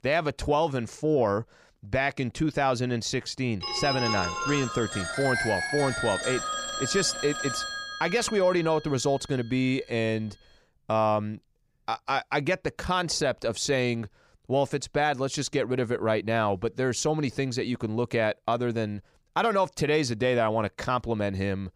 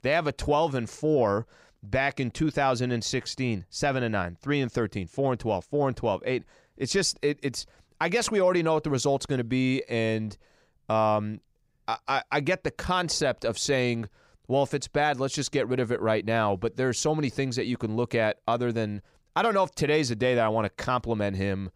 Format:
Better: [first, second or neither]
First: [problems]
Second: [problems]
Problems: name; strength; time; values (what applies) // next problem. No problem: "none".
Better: second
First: phone ringing; noticeable; from 3.5 to 8.5 s; peak level with the speech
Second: none